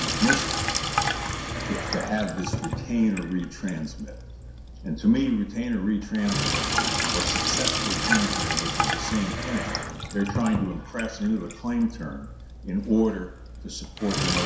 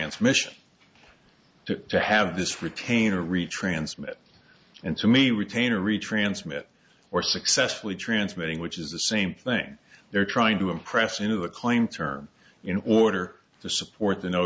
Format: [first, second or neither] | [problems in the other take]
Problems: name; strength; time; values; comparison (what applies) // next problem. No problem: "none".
second | background sound (Sink (filling or washing)); 1 dB below the speech // room echo; dies away in 0.7 s